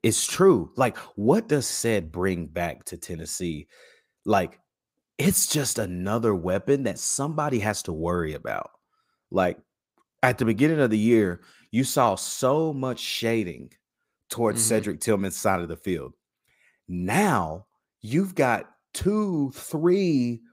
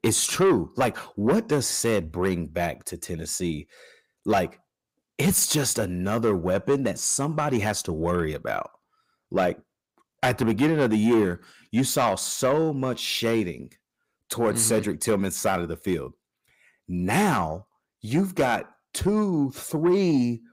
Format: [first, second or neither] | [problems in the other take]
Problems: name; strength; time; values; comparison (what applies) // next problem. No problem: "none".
first | distortion; slight; 10 dB below the speech